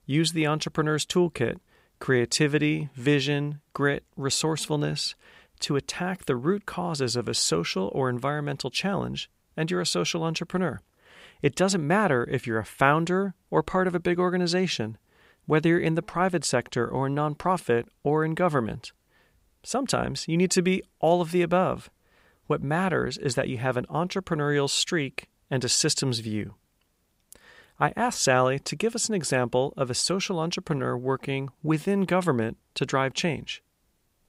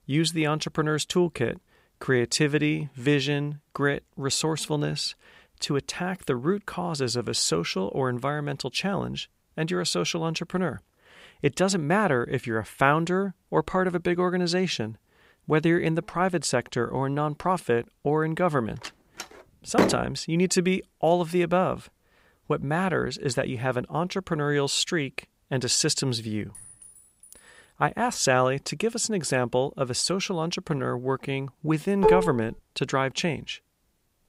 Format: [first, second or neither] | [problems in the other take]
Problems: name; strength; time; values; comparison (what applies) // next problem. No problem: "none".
first | door banging; loud; from 19 to 20 s; peak 2 dB above the speech // clattering dishes; faint; from 27 to 28 s; peak 20 dB below the speech // clattering dishes; loud; at 32 s; peak 4 dB above the speech